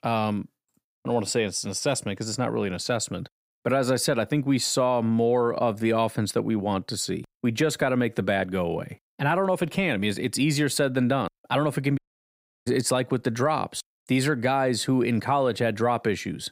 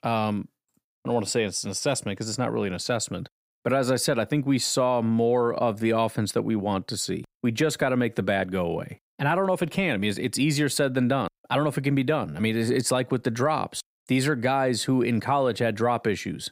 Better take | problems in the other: second | audio cutting out; at 12 s for 0.5 s

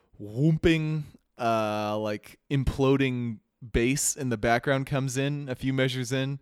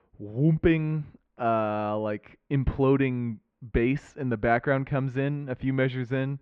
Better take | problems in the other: first | muffled; very; fading above 2 kHz

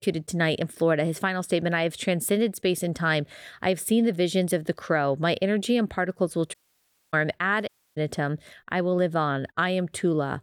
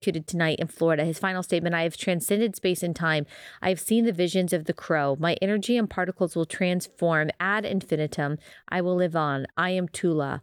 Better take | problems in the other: second | audio cutting out; at 6.5 s for 0.5 s and at 7.5 s

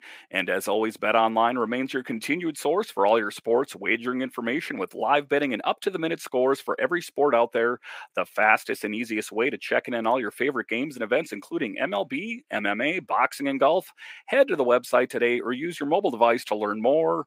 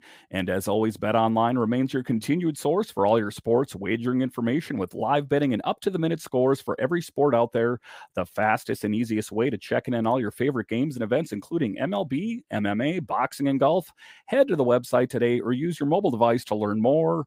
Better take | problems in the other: second | thin; very slightly; fading below 350 Hz

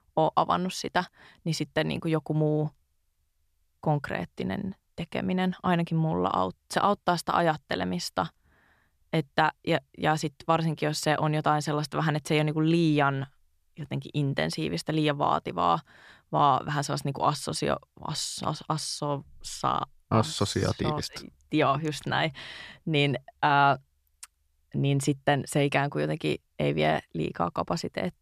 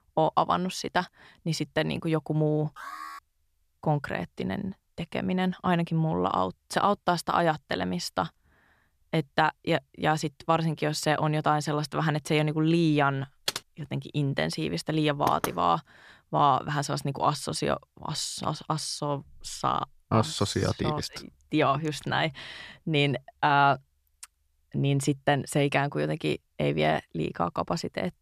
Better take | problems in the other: first | alarm; faint; at 3 s; peak 10 dB below the speech // keyboard typing; noticeable; at 13 s; peak 5 dB below the speech // door banging; noticeable; at 15 s; peak 6 dB below the speech

